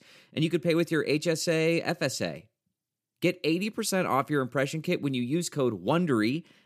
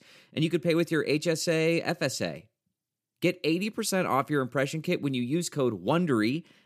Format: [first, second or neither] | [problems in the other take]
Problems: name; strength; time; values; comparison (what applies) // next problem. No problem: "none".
neither | none